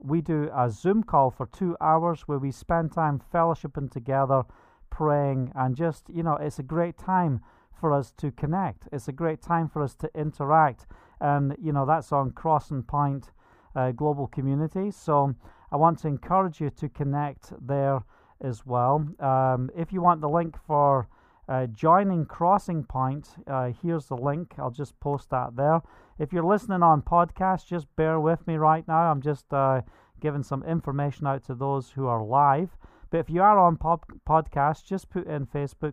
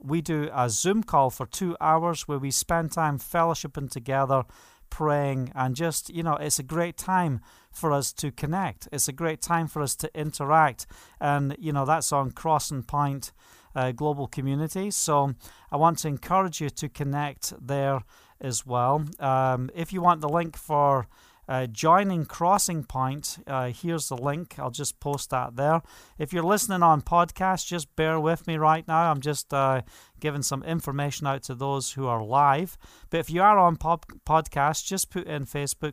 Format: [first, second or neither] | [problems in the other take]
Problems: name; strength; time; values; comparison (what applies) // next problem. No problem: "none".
second | muffled; very; fading above 2.5 kHz